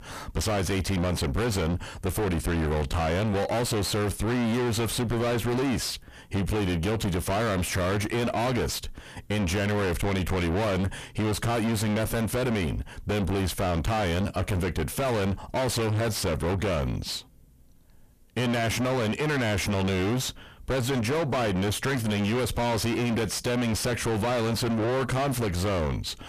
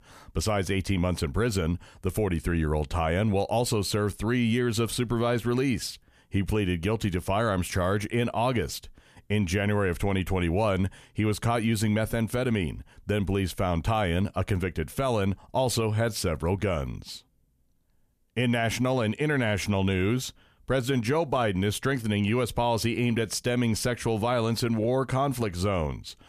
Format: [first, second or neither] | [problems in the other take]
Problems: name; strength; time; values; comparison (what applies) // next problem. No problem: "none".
second | distortion; heavy; 5 dB below the speech